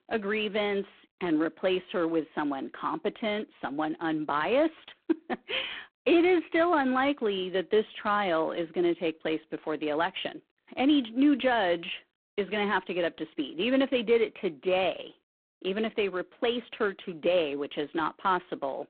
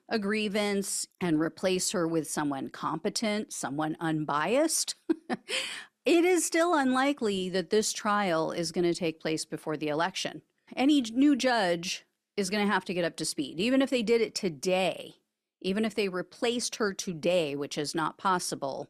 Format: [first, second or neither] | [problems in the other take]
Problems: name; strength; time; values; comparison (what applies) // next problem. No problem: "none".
second | phone-call audio; poor line